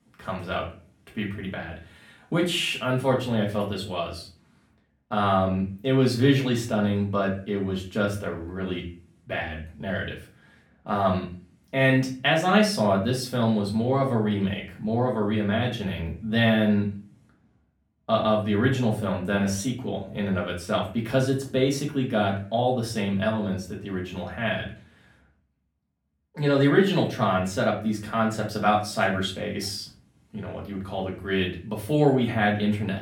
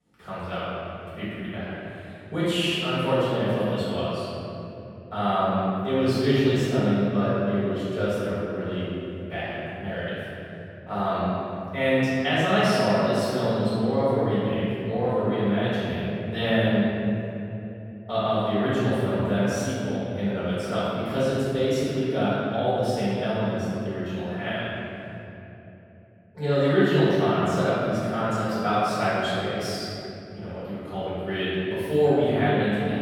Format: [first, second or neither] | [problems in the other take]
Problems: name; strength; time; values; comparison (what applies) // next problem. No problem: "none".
first | room echo; strong; dies away in 3 s; slight in the first // off-mic speech; far; far in the first